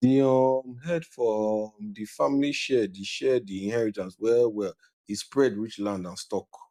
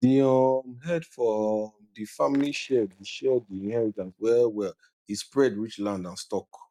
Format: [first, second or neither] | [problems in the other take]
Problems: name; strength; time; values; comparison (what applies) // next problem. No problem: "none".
first | noise reduction (neural mask model DeepFilterNet 3)